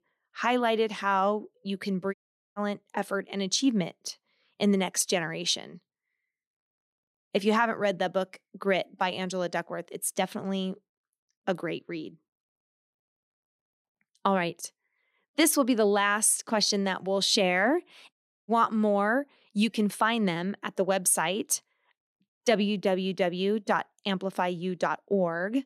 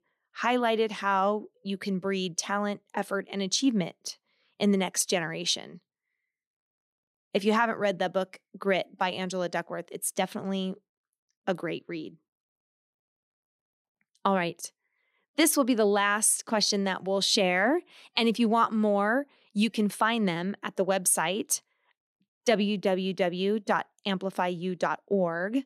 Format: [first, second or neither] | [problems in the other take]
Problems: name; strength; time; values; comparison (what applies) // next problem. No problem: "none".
second | audio cutting out; at 2 s and at 18 s